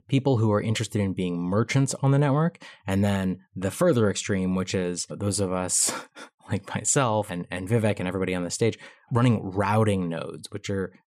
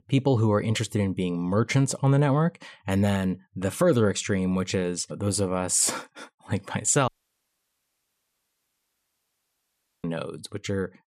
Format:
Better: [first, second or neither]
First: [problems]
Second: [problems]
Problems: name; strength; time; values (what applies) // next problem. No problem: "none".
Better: first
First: none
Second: audio cutting out; at 7 s for 3 s